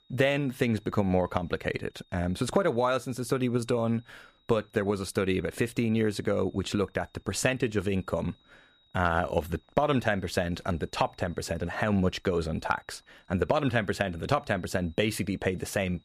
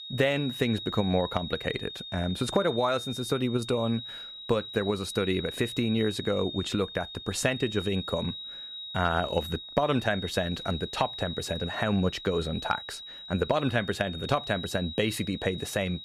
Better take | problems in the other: first | high-pitched whine; loud; throughout; 4 kHz, 8 dB below the speech; faint in the first

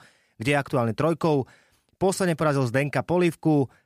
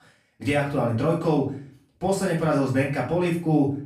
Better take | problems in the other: first | off-mic speech; far // room echo; slight; dies away in 0.4 s

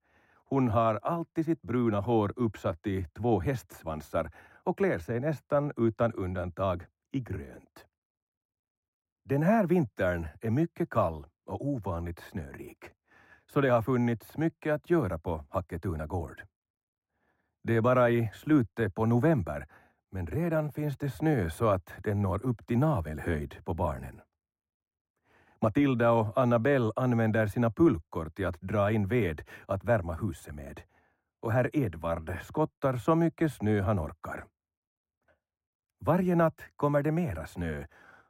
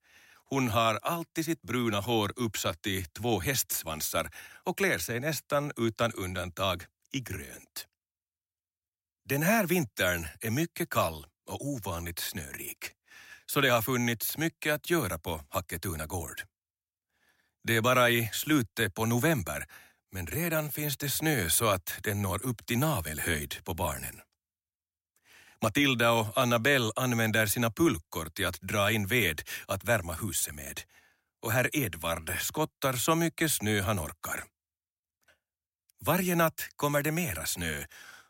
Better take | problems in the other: second | muffled; very; fading above 2 kHz

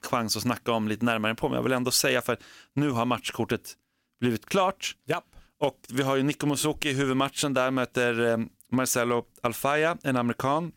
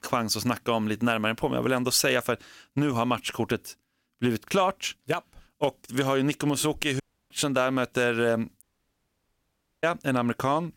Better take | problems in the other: first | audio cutting out; at 7 s and at 8.5 s for 1 s

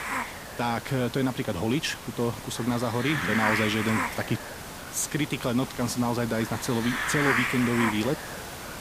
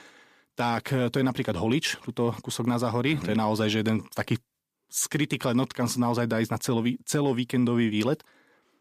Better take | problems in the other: second | hiss; loud; throughout; 3 dB below the speech

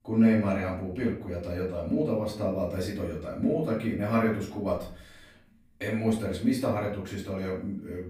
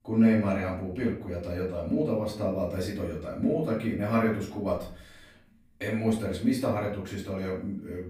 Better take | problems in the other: neither | off-mic speech; far; the same in both // room echo; slight; dies away in 0.4 s; the same in both

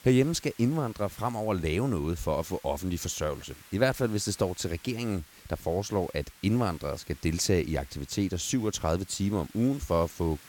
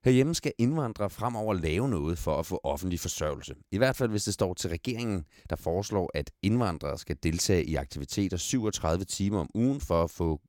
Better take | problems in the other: second | hiss; faint; throughout; 20 dB below the speech

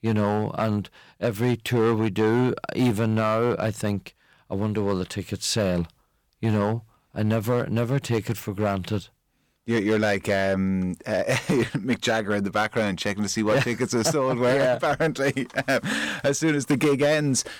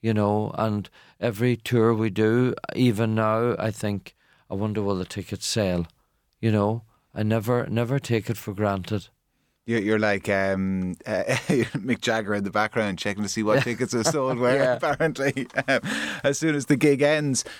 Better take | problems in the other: second | distortion; slight; 6% of the sound clipped

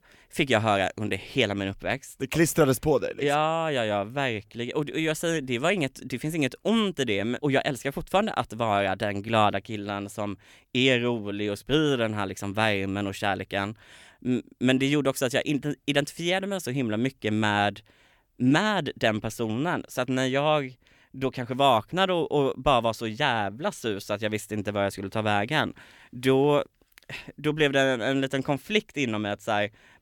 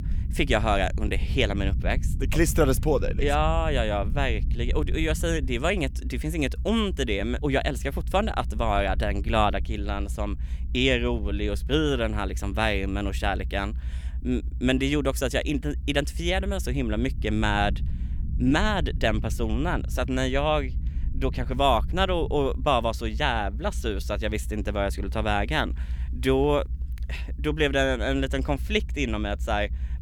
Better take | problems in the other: first | low rumble; faint; throughout; 20 dB below the speech

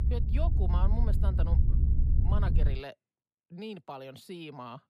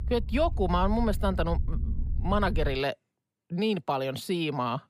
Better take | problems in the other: second | low rumble; loud; until 3 s; 3 dB below the speech; faint in the second

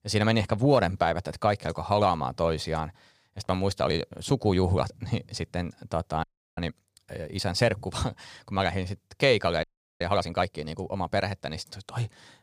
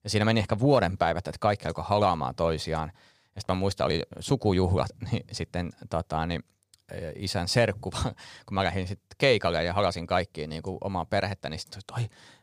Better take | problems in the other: second | audio freezing; at 6 s and at 9.5 s

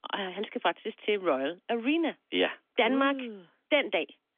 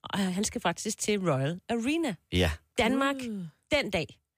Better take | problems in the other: second | phone-call audio; nothing above 3.5 kHz

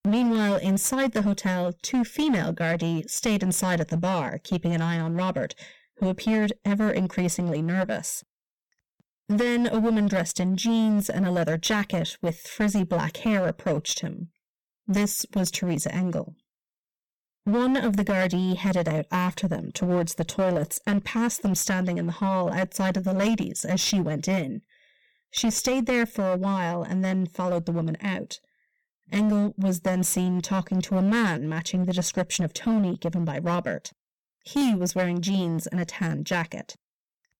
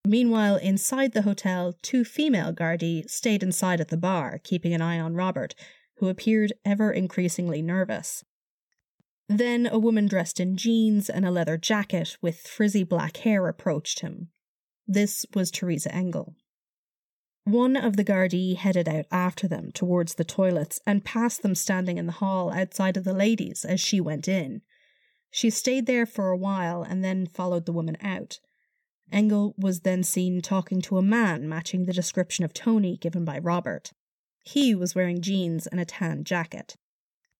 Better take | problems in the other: second | distortion; slight; 12% of the sound clipped

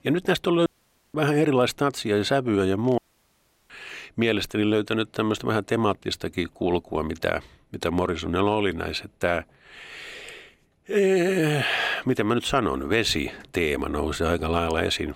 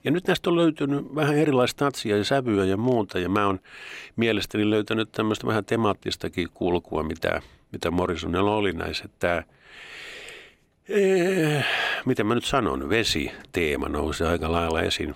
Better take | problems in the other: second | audio cutting out; at 0.5 s and at 3 s for 0.5 s

